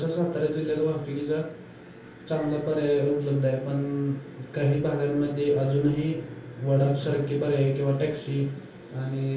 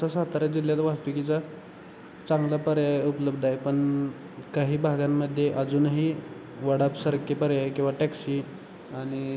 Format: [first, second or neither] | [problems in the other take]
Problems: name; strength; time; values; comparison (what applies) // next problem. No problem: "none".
second | room echo; dies away in 0.3 s